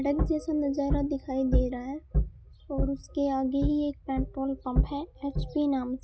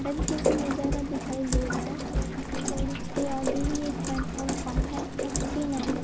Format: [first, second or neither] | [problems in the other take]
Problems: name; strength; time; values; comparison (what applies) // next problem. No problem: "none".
first | background sound (Rain); as loud as the speech